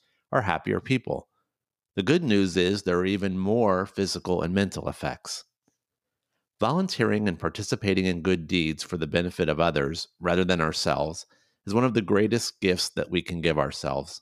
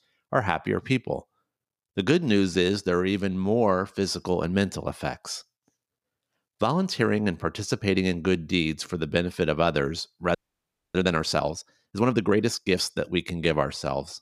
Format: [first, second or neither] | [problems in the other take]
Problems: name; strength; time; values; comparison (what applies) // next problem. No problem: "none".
first | audio freezing; at 10 s for 0.5 s